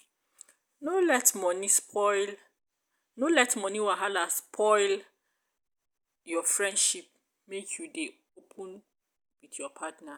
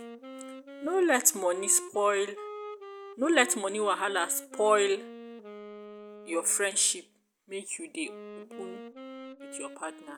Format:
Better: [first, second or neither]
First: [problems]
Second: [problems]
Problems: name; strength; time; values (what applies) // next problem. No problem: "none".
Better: first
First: none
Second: background sound (Wind instrument, woodwind instrument); 14 dB below the speech